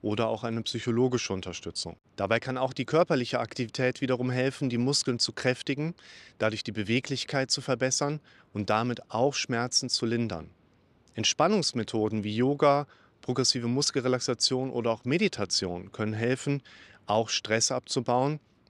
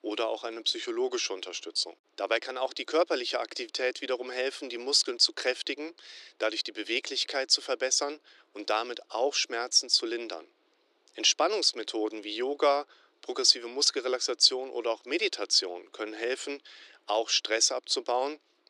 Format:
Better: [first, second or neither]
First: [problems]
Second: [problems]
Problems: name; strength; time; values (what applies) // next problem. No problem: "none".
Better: first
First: none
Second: thin; very; fading below 300 Hz